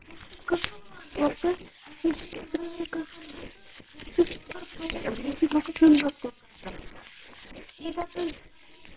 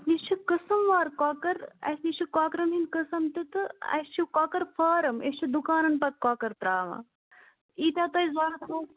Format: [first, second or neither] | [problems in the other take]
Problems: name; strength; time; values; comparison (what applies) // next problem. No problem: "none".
second | noise reduction (neural separator model SepFormer WHAMR!)